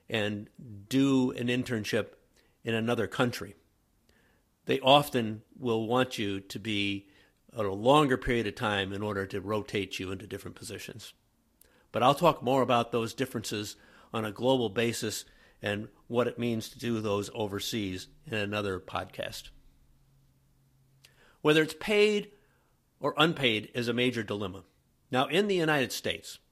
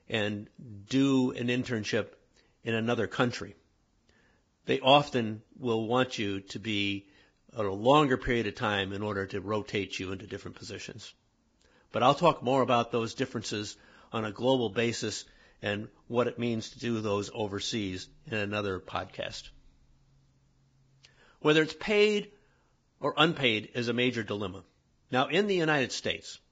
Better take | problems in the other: first | garbled, watery; badly; nothing above 7.5 kHz; slightly in the first

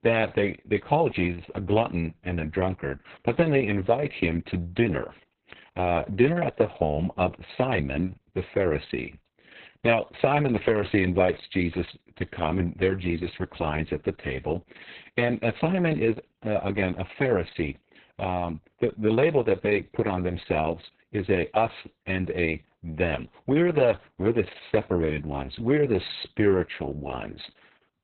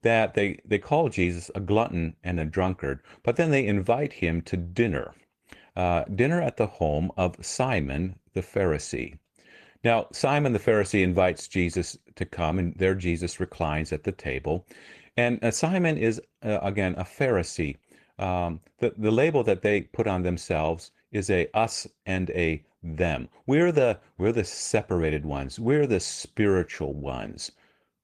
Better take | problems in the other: second | garbled, watery; badly; nothing above 4 kHz; slightly in the second

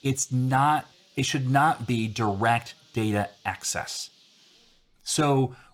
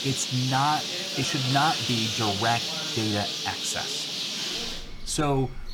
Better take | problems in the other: first | animal sounds; loud; throughout; as loud as the speech; faint in the first

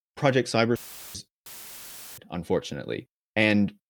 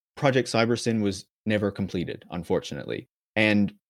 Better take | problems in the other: second | audio cutting out; filled with static; at 1 s and at 1.5 s for 0.5 s

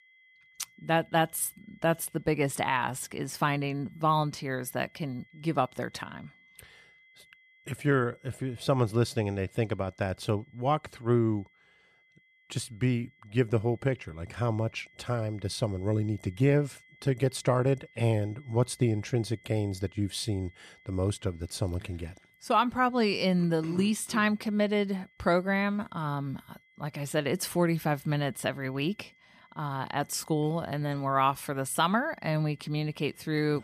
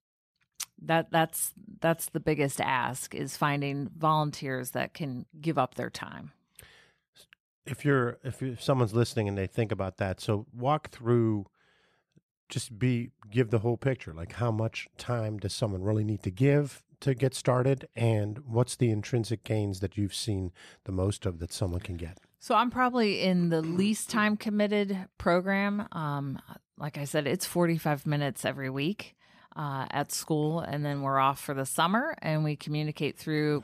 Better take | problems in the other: second | high-pitched whine; faint; throughout; 2 kHz, 30 dB below the speech

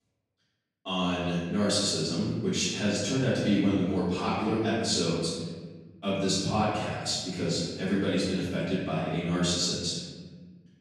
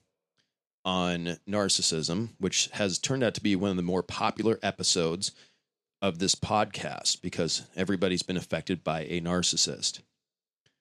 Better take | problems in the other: second | off-mic speech; far // room echo; strong; dies away in 1.5 s

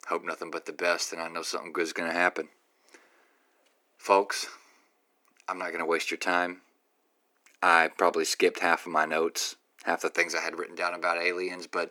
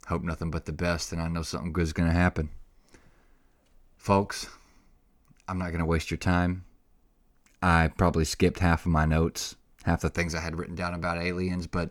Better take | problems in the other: second | thin; very; fading below 300 Hz

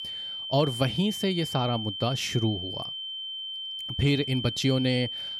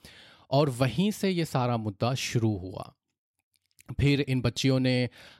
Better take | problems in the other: second | high-pitched whine; loud; throughout; 3 kHz, 6 dB below the speech

